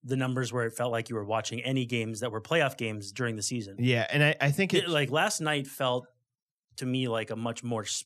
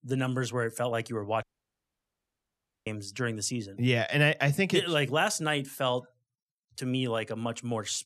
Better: first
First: none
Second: audio cutting out; at 1.5 s for 1.5 s

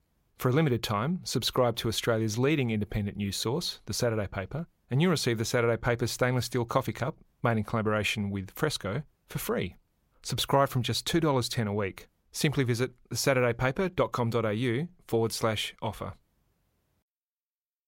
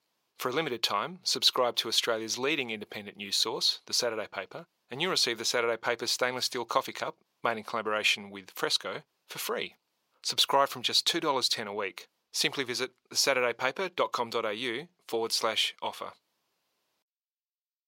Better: first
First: none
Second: thin; somewhat; fading below 400 Hz

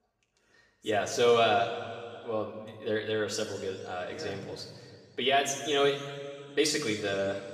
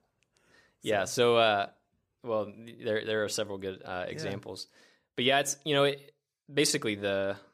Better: second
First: room echo; noticeable; dies away in 2 s // off-mic speech; far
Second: none

